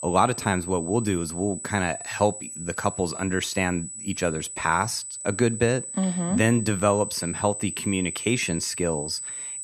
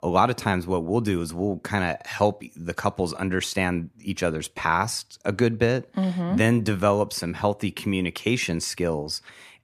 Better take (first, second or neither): second